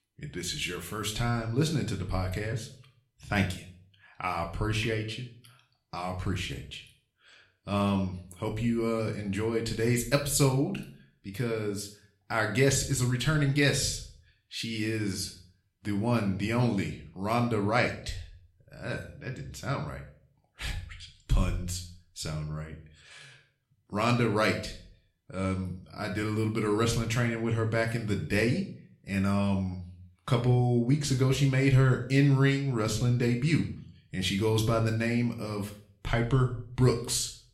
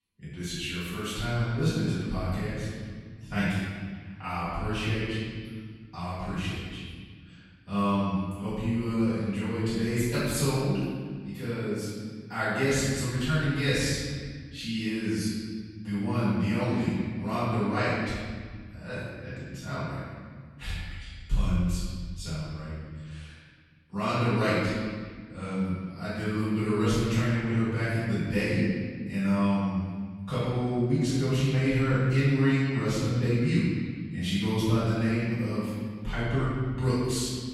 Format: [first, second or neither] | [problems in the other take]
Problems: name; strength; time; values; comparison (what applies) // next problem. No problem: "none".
first | room echo; strong; dies away in 1.7 s; slight in the first // off-mic speech; far